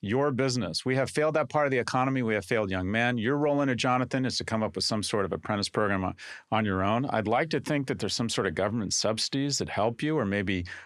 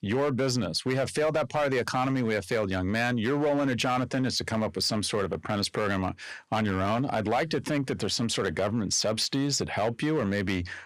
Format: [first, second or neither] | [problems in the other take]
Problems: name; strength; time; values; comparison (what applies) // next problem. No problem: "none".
first | distortion; slight; 8% of the sound clipped